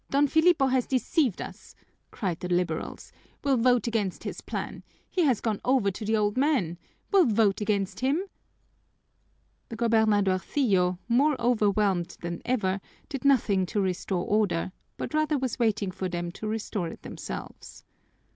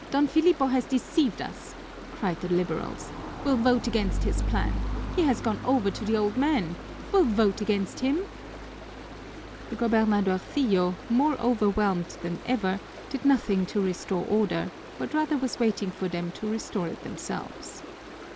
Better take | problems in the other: first | background sound (Stream); 9 dB below the speech

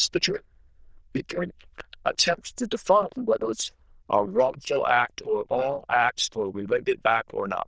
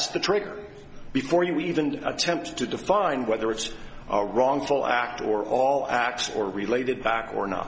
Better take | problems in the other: second | noise reduction (neural diffusion model UNIVERSE++)

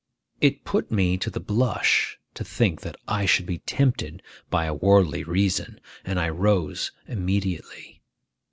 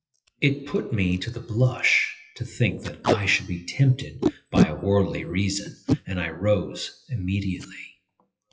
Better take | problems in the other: first | noise reduction (classical method WPE with log-MMSE)

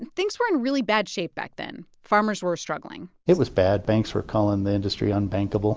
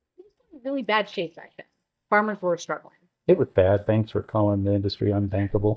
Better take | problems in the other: first | noise reduction (neural mask model DeepFilterNet 3)

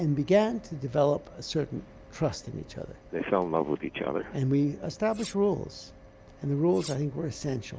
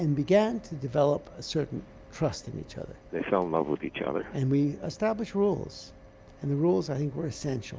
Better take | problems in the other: second | background sound (Cutlery, silverware); 17 dB below the speech

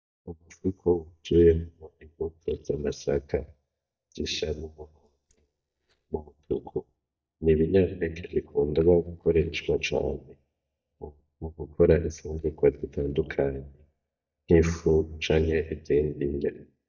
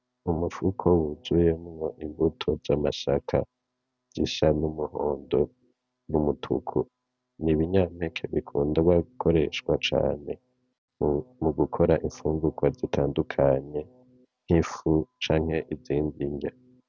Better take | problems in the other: second | noise reduction (neural mask model DeepFilterNet 3)

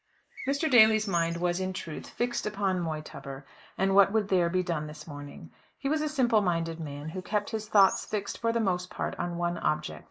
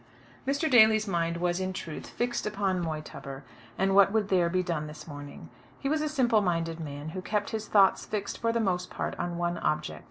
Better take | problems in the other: second | noise reduction (neural mask model Resemble Enhance denoiser)

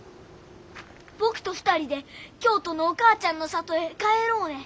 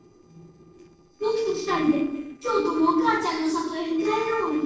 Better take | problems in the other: first | noise reduction (neural separator model SepFormer DNS4)

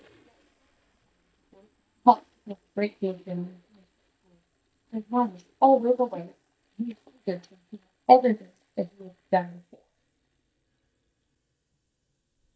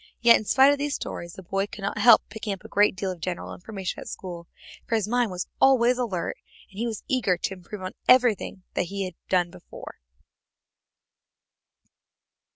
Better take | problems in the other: second | noise reduction (neural mask model DeepFilterNet 3)

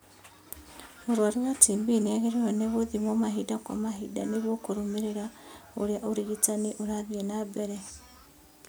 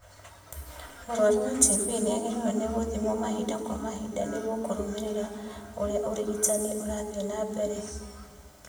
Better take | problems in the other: first | room echo; dies away in 1.6 s

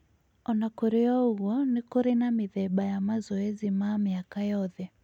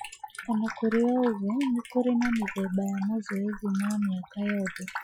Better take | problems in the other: first | noise reduction (classical method Wiener filter)

